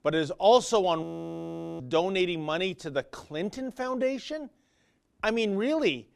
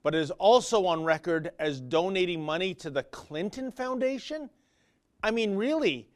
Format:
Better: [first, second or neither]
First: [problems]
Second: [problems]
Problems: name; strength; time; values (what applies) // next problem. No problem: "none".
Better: second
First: audio freezing; at 1 s for 1 s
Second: none